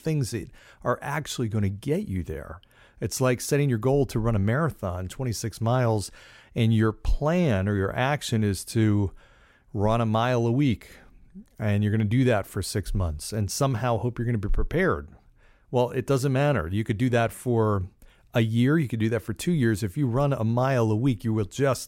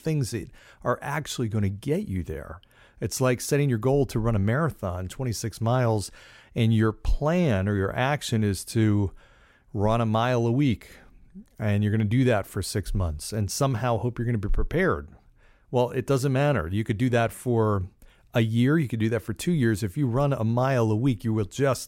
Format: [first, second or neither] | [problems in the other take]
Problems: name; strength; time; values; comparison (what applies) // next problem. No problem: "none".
neither | none